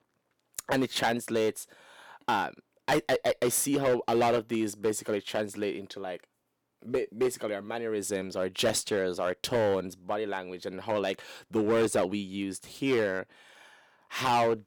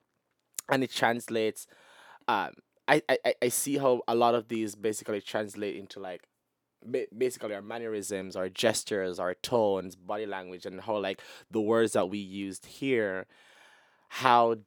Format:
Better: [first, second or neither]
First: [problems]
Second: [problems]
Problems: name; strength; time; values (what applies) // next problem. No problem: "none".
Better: second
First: distortion; heavy; 5% of the sound clipped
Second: none